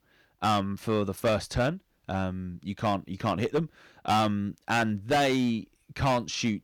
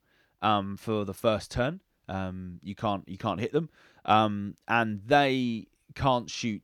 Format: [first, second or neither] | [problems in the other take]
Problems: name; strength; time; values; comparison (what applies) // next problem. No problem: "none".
second | distortion; heavy; 9% of the sound clipped